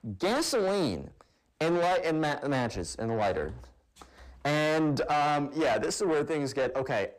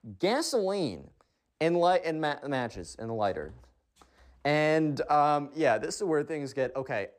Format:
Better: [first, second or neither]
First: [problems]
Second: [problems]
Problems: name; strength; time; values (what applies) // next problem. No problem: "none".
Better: second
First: distortion; heavy; 7 dB below the speech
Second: none